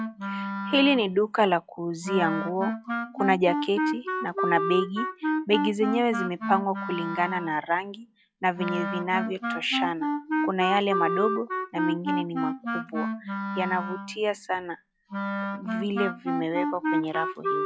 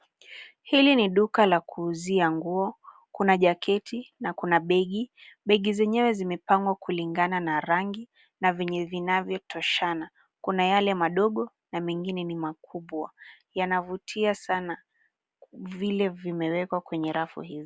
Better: second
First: noise reduction (classical method log-MMSE)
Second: none

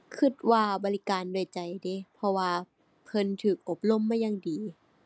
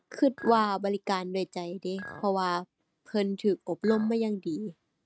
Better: first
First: none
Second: noise reduction (neural mask model RNNoise)

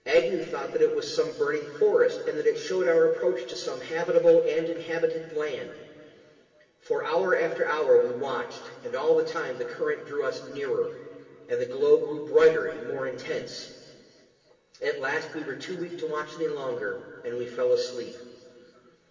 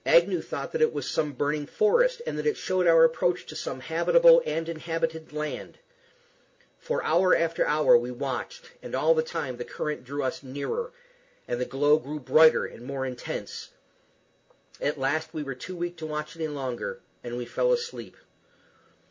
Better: second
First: room echo; dies away in 2.4 s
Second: none

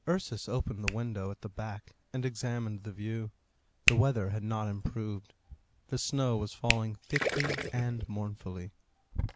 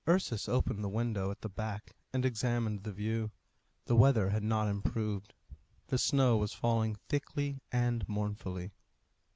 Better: second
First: background sound (Hands + Gurgling); 5 dB below the speech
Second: none

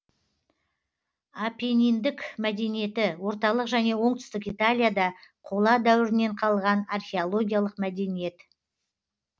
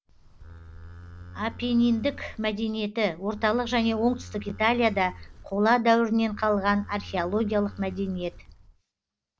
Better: first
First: none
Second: background sound (Livestock, farm animals, working animals); 17 dB below the speech

